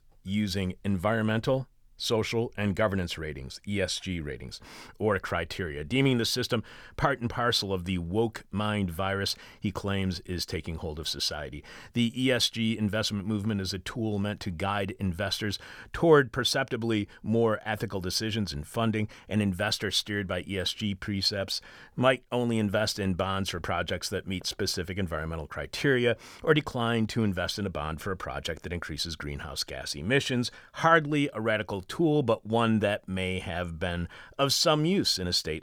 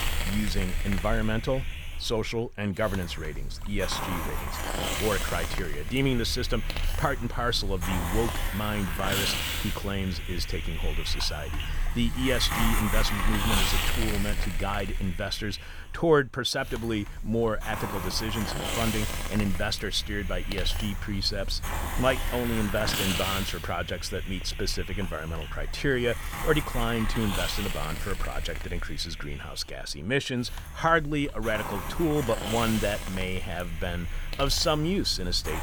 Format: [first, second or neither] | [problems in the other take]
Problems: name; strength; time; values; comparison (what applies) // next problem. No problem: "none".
first | hiss; loud; throughout; 3 dB below the speech